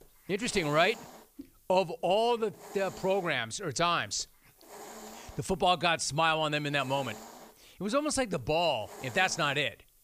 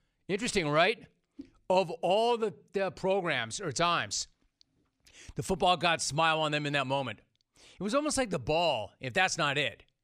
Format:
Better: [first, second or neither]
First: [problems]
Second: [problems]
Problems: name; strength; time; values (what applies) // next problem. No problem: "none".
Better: second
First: hiss; noticeable; throughout; 20 dB below the speech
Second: none